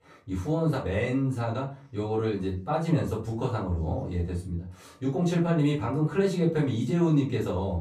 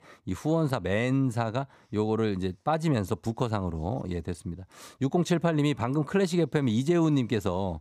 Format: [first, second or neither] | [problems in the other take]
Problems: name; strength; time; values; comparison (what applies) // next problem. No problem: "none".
second | off-mic speech; far // room echo; slight; dies away in 0.3 s